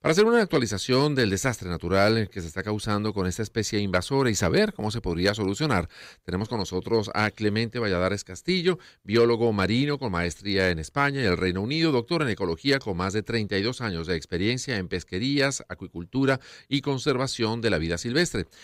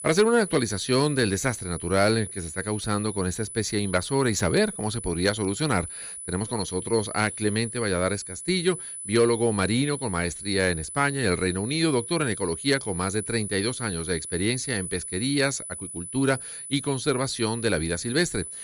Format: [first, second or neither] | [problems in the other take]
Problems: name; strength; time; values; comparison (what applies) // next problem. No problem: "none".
first | high-pitched whine; loud; throughout; 10 kHz, 9 dB below the speech